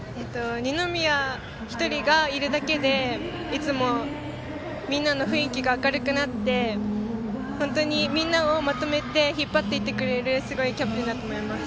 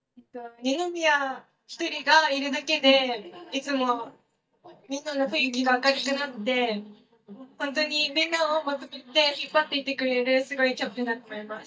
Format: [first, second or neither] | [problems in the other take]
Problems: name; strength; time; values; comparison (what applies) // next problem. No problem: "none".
first | noise reduction (neural mask model DeepFilterNet 3)